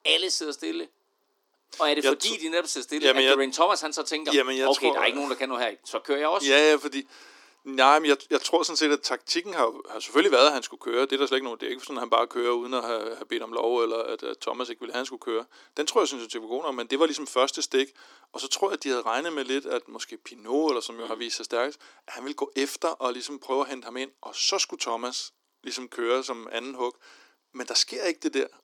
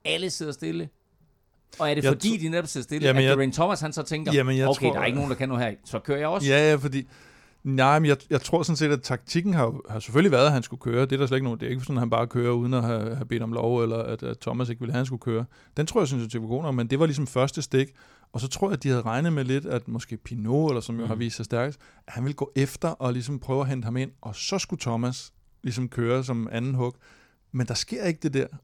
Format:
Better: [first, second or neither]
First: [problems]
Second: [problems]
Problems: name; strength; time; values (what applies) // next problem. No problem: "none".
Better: second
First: thin; somewhat; fading below 300 Hz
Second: none